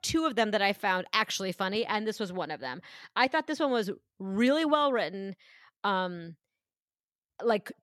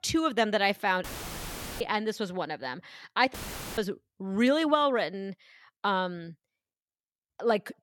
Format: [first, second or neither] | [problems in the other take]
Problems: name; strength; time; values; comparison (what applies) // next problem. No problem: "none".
first | audio cutting out; filled with static; at 1 s for 1 s and at 3.5 s